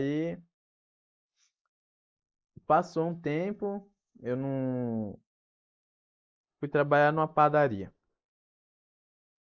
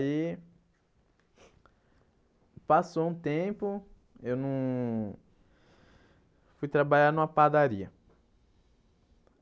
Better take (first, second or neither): second